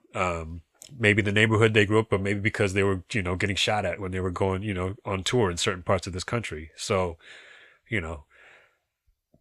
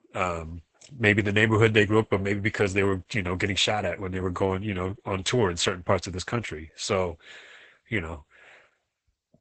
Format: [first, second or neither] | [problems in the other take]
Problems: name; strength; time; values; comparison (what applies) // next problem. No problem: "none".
first | garbled, watery; badly; nothing above 8 kHz